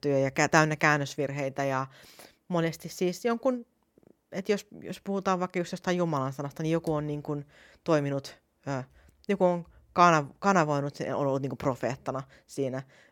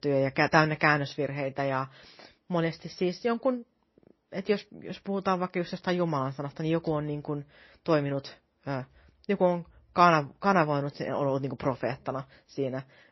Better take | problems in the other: first | garbled, watery; slightly; nothing above 5.5 kHz

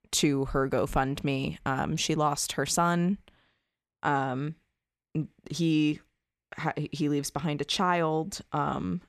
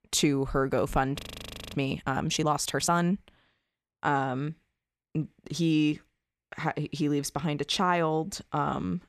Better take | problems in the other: first | audio freezing; at 1 s for 0.5 s

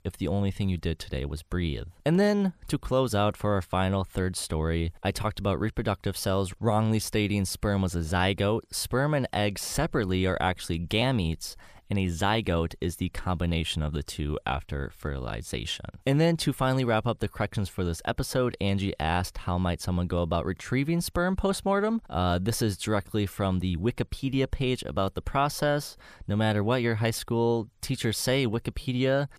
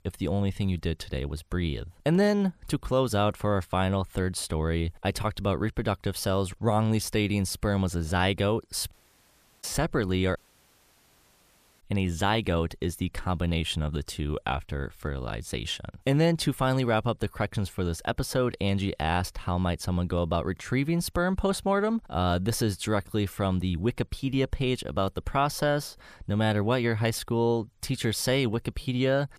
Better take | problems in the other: first | audio cutting out; at 9 s for 0.5 s and at 10 s for 1.5 s

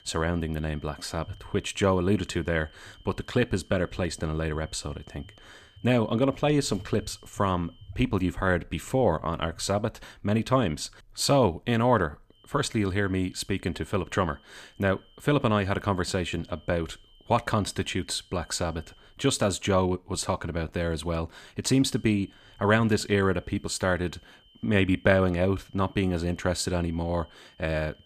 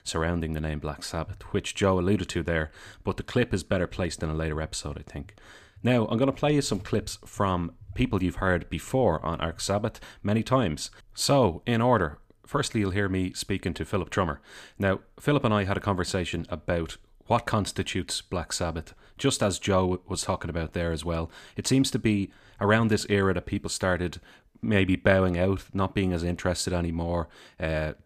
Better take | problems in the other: second | high-pitched whine; faint; until 8 s, from 12 to 19 s and from 22 s on; 3 kHz, 30 dB below the speech

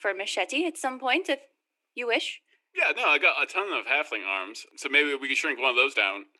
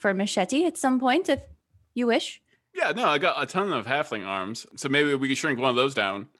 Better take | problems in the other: second | thin; somewhat; fading below 300 Hz

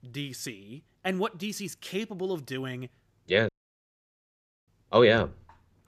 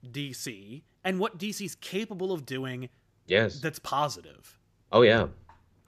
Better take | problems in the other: second | audio cutting out; at 3.5 s for 1 s

